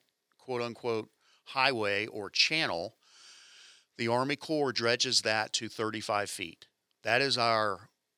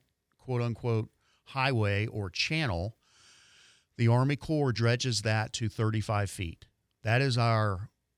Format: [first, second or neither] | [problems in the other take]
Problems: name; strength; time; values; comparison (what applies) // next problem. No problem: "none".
second | thin; somewhat; fading below 350 Hz